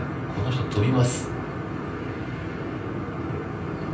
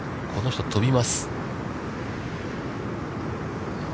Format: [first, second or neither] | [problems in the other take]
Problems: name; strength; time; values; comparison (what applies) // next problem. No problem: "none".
second | room echo; dies away in 0.6 s